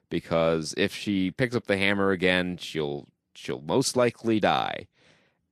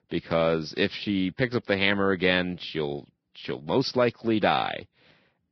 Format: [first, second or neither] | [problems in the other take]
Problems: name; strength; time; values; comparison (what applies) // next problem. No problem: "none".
first | garbled, watery; badly; nothing above 5.5 kHz; slightly in the first